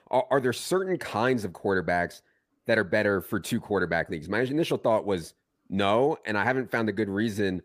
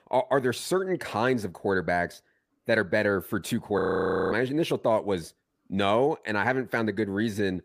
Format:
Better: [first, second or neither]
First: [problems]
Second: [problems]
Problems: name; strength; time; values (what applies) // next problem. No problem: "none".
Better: first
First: none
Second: audio freezing; at 4 s for 0.5 s